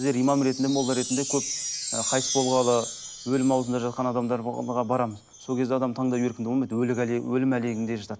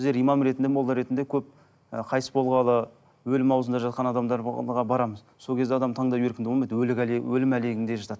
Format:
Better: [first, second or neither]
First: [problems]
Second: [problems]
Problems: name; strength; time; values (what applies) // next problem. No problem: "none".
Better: second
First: background sound (Chime); 10 dB below the speech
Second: none